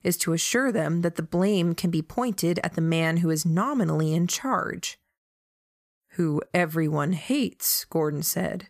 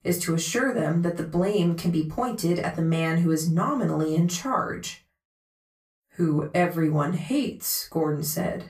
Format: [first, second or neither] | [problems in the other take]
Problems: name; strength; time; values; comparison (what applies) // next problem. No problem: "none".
first | off-mic speech; far // room echo; very slight; dies away in 0.2 s